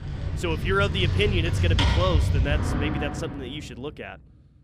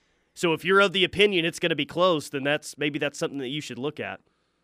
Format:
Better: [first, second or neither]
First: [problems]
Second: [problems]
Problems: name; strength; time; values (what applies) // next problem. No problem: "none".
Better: second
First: traffic noise; very loud; until 3 s; 3 dB above the speech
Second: none